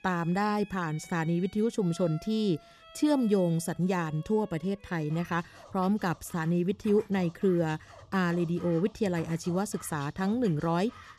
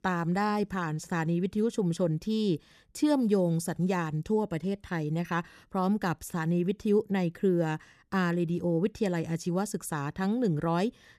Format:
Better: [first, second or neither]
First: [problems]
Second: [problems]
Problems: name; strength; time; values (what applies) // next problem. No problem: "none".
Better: second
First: background music; faint; throughout; 20 dB below the speech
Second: none